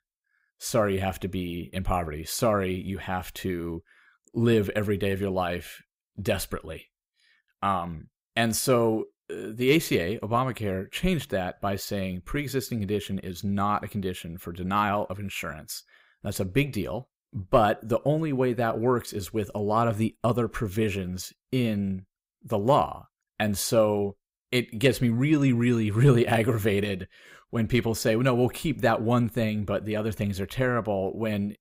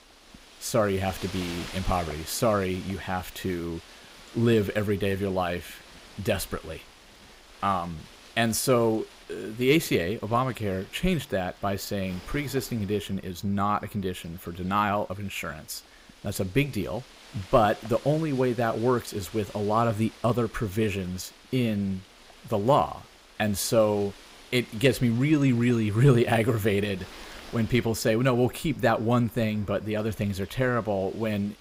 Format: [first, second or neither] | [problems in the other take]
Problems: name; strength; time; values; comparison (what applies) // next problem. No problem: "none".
first | wind noise on the microphone; occasional gusts; 20 dB below the speech